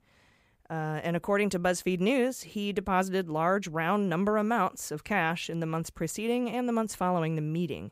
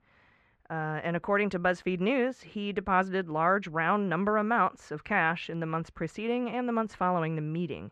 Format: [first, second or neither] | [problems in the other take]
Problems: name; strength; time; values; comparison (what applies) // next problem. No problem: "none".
first | muffled; very; fading above 3 kHz